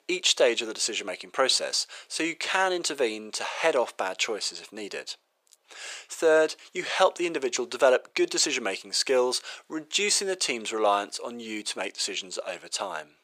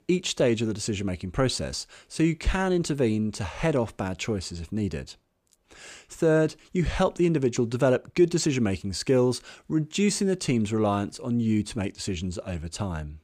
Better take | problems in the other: second | thin; very; fading below 500 Hz

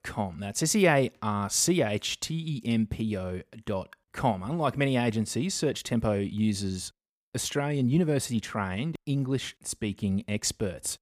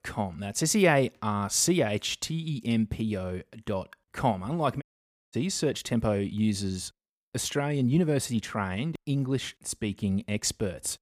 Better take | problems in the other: first | audio cutting out; at 5 s for 0.5 s

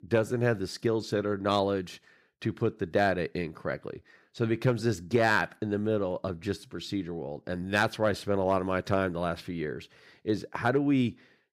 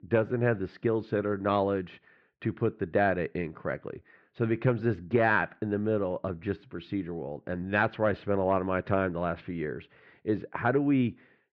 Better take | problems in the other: first | muffled; very; fading above 2.5 kHz

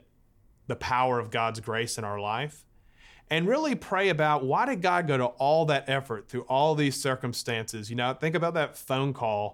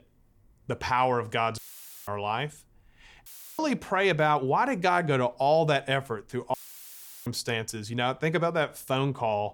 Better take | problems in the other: first | audio cutting out; filled with static; at 1.5 s, at 3.5 s and at 6.5 s for 0.5 s

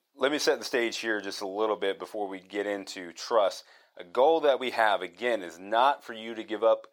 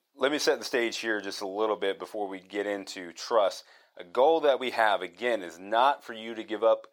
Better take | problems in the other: neither | thin; somewhat; fading below 600 Hz; the same in both

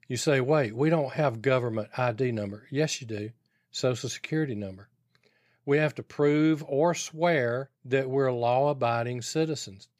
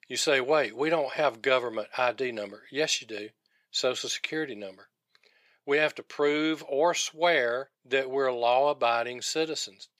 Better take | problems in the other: first | thin; somewhat; fading below 450 Hz

